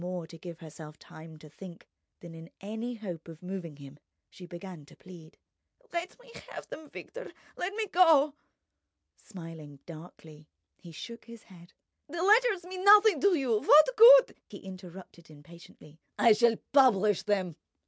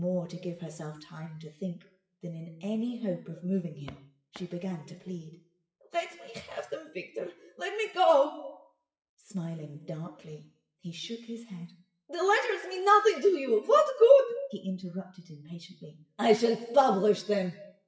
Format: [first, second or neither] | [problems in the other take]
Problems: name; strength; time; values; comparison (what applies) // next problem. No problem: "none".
first | noise reduction (classical method WPE with log-MMSE)